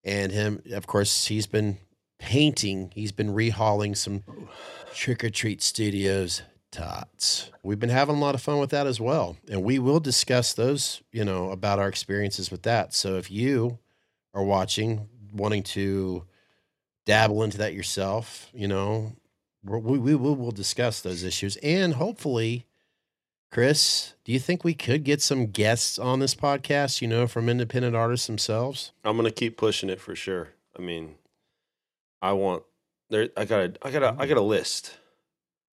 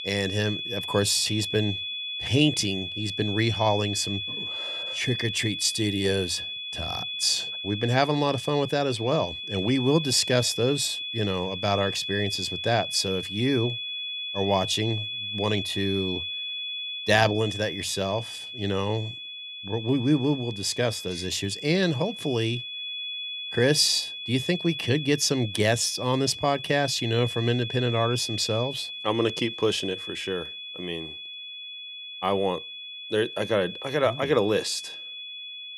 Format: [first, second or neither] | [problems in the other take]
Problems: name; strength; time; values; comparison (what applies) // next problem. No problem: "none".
first | high-pitched whine; loud; throughout; 3.5 kHz, 6 dB below the speech